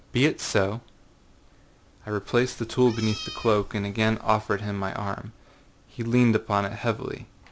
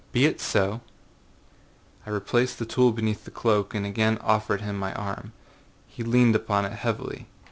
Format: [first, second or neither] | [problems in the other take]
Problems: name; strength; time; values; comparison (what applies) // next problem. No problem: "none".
second | background sound (Meow); 14 dB below the speech